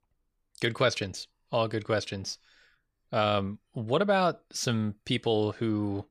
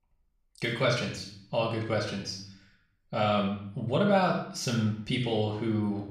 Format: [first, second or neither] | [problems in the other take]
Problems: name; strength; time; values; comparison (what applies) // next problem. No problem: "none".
first | off-mic speech; somewhat distant // room echo; noticeable; dies away in 0.6 s